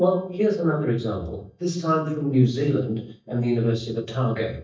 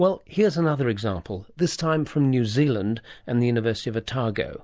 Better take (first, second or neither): second